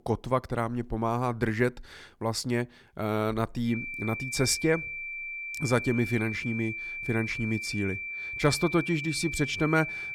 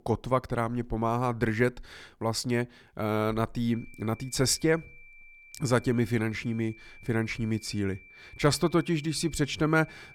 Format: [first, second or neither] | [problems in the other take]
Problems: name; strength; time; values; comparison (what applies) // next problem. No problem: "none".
second | high-pitched whine; loud; from 3.5 s on; 2.5 kHz, 5 dB below the speech; faint in the second